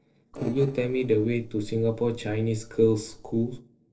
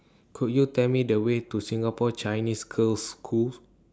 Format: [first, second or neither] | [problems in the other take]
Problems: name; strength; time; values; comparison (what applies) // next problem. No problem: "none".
second | noise reduction (neural separator model SepFormer DNS4)